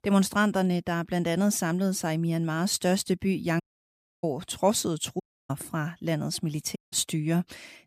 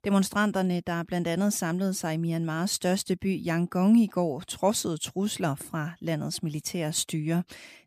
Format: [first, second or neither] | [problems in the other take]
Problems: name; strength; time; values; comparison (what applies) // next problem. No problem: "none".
second | audio cutting out; at 3.5 s for 0.5 s, at 5 s and at 7 s